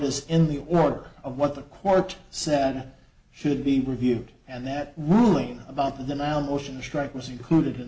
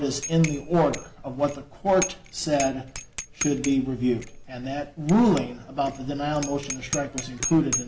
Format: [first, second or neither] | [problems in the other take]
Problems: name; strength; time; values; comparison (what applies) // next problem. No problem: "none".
first | background sound (Bicycle bell); 11 dB below the speech